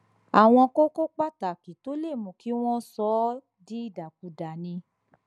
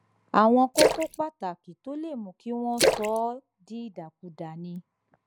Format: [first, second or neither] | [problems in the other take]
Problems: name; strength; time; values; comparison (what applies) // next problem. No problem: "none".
first | background sound (Splash, splatter); 2 dB below the speech